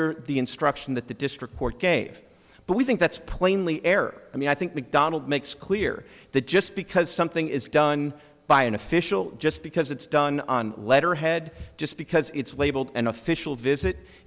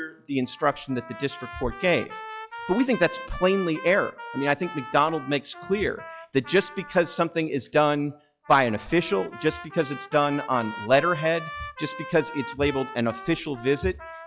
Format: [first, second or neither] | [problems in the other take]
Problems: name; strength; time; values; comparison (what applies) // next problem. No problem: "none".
first | noise reduction (classical method log-MMSE)